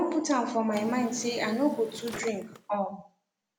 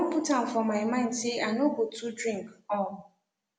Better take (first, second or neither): second